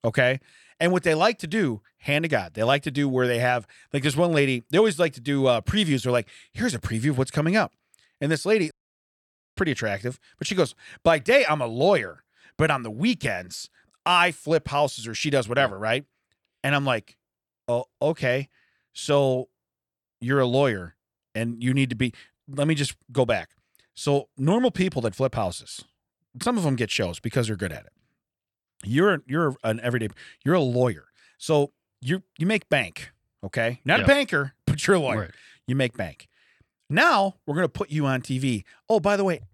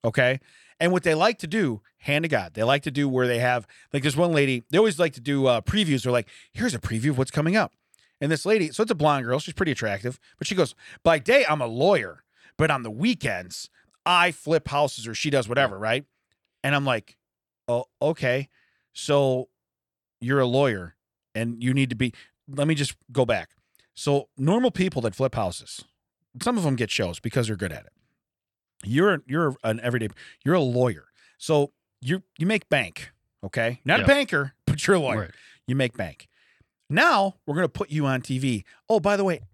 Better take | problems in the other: second | audio cutting out; at 8.5 s for 1 s

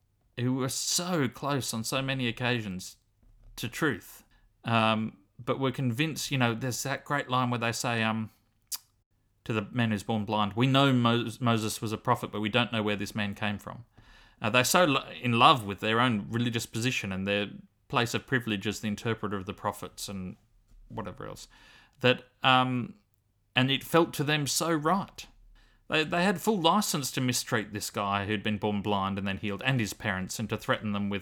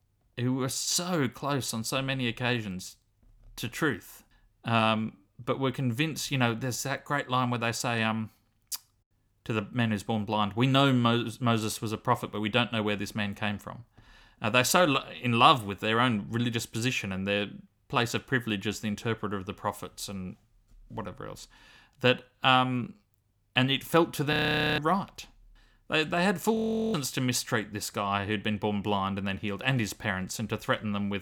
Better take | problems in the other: first | audio freezing; at 24 s and at 27 s

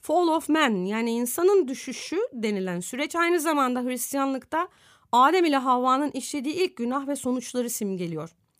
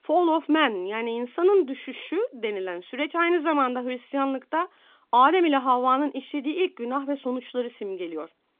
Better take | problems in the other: first | phone-call audio; nothing above 3.5 kHz

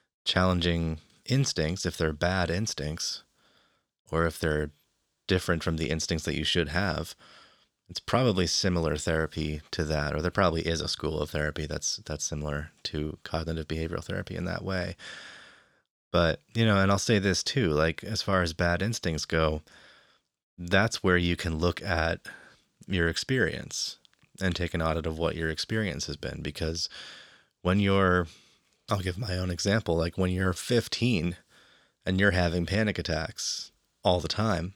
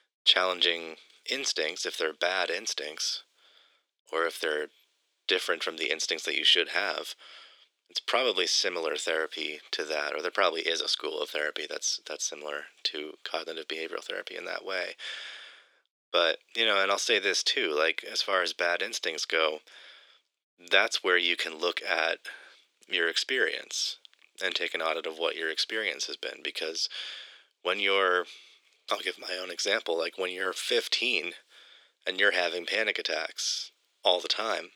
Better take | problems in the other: first | thin; very; fading below 350 Hz

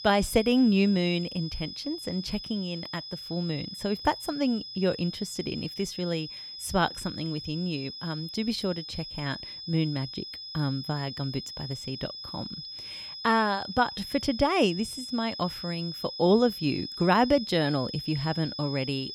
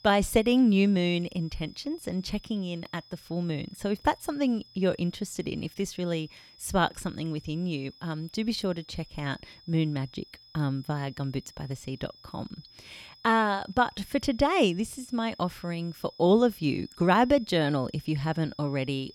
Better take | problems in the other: second | high-pitched whine; loud; throughout; 5 kHz, 9 dB below the speech; faint in the second

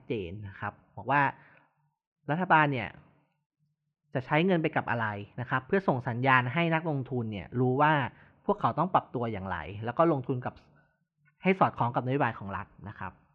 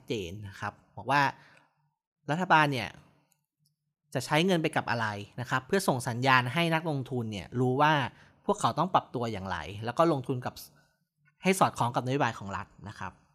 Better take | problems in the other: second | muffled; very; fading above 2.5 kHz

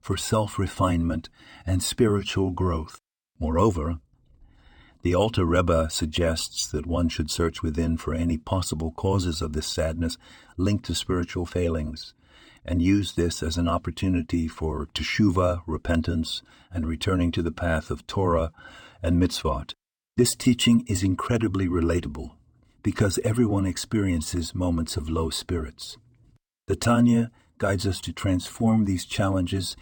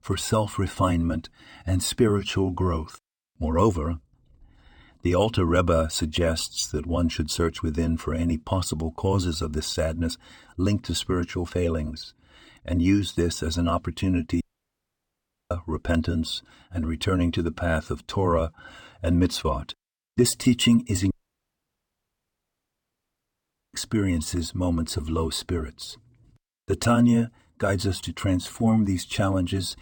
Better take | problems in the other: first | audio cutting out; at 14 s for 1 s and at 21 s for 2.5 s

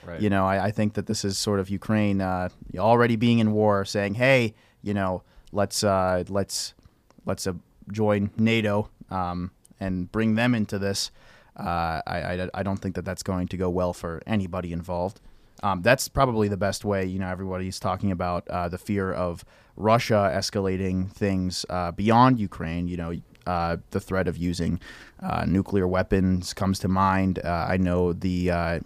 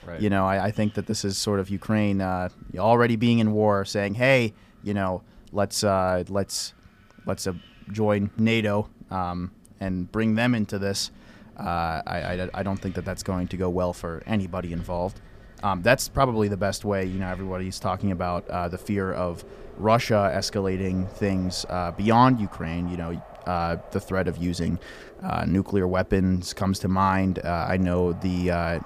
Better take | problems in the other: first | wind in the background; faint; throughout; 25 dB below the speech

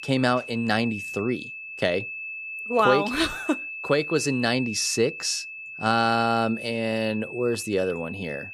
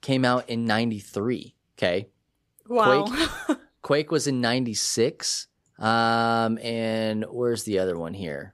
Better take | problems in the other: second | high-pitched whine; loud; throughout; 2.5 kHz, 9 dB below the speech

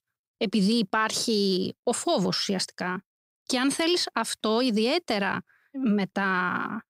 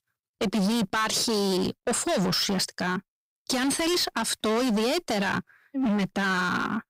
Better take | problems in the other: first | distortion; heavy; 25% of the sound clipped

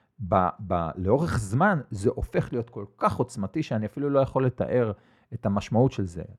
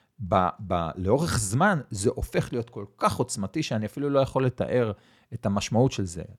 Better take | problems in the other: second | muffled; slightly; fading above 2.5 kHz

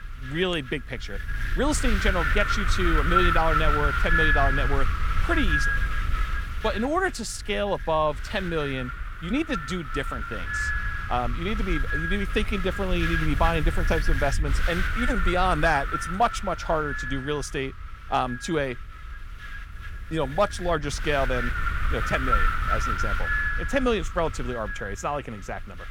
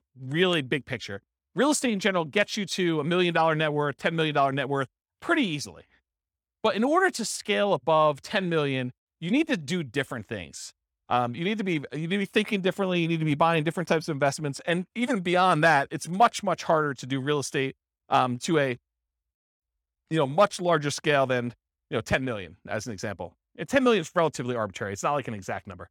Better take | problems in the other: second | wind noise on the microphone; heavy; as loud as the speech

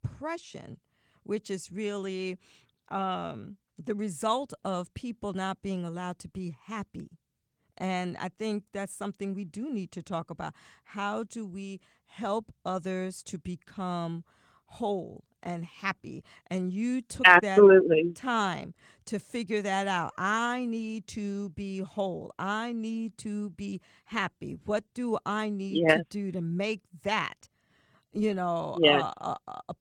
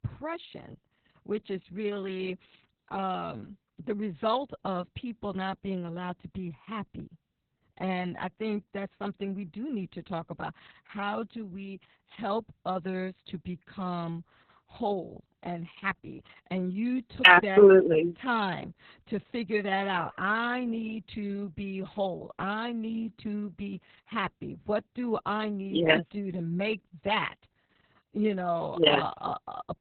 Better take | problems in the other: first | garbled, watery; badly; nothing above 19 kHz; slightly in the first

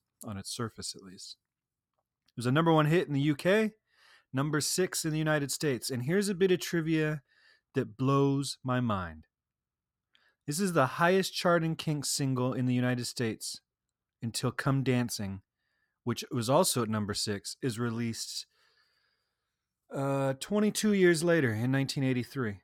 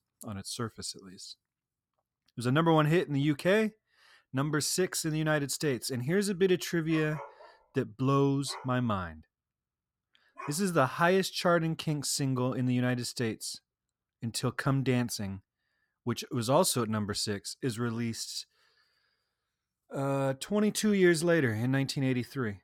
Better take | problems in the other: first | dog barking; faint; from 7 to 11 s; peak 15 dB below the speech

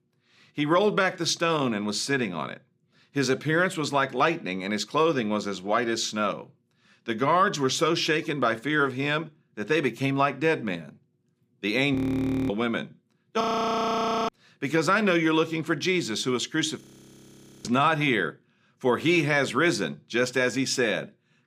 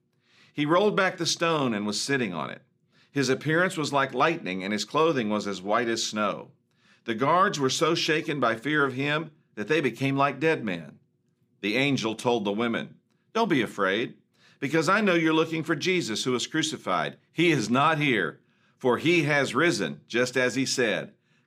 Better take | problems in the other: second | audio freezing; at 12 s for 0.5 s, at 13 s for 1 s and at 17 s for 1 s

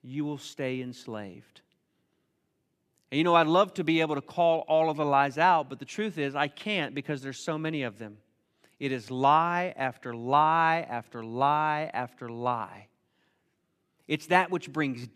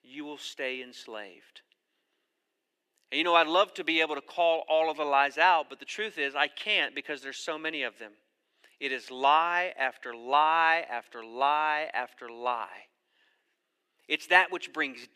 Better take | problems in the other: first | thin; somewhat; fading below 400 Hz

